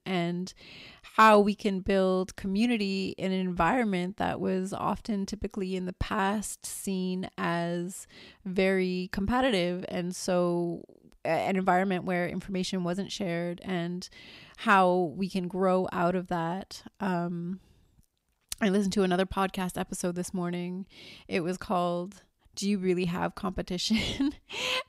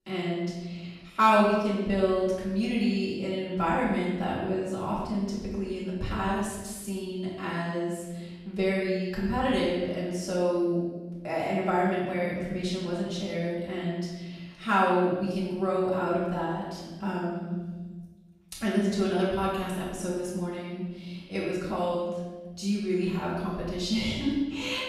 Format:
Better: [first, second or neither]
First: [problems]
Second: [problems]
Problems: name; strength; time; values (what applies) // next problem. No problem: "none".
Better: first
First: none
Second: off-mic speech; far // room echo; strong; dies away in 1.2 s